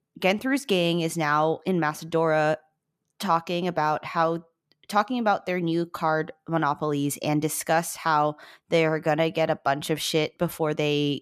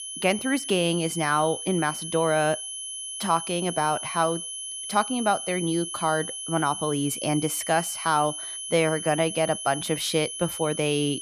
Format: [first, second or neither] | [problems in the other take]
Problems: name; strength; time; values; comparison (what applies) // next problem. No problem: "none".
first | high-pitched whine; loud; throughout; 3 kHz, 6 dB below the speech